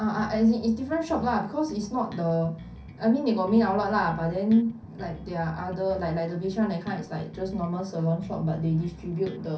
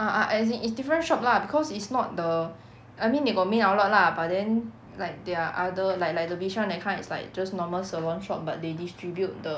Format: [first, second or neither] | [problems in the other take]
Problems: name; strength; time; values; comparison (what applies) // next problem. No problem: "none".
second | background sound (Bass guitar); 18 dB below the speech // room echo; dies away in 0.3 s